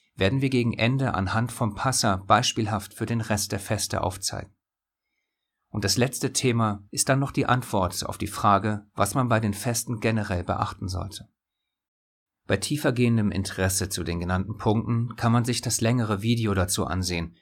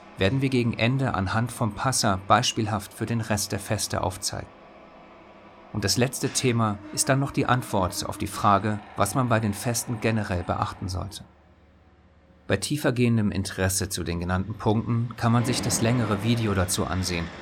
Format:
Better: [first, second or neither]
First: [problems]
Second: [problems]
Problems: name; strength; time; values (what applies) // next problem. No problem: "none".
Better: first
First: none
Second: machinery noise; noticeable; throughout; 15 dB below the speech